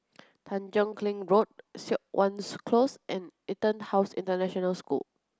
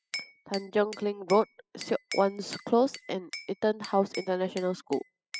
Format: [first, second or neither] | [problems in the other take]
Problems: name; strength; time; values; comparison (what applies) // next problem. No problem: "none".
first | noise reduction (classical method spectral subtraction)